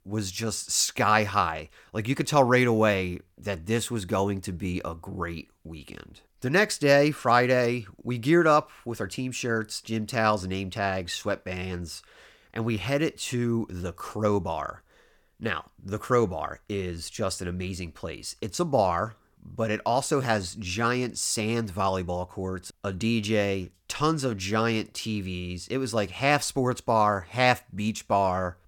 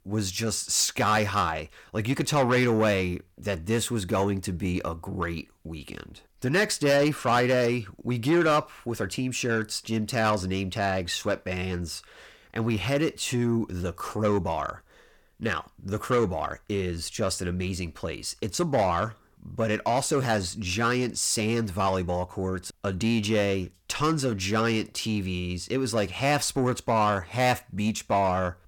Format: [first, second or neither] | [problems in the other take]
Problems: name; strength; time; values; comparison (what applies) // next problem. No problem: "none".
first | distortion; slight; 10 dB below the speech